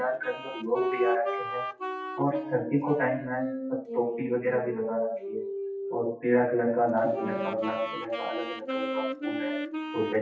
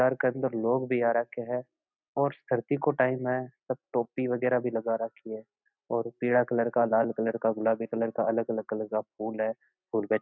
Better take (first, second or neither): second